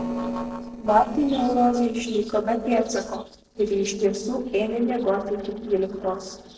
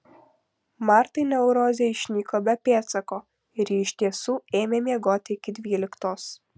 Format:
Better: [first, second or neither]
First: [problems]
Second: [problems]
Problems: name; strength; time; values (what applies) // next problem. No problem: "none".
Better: second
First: noise reduction (neural separator model SepFormer DNS4)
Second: none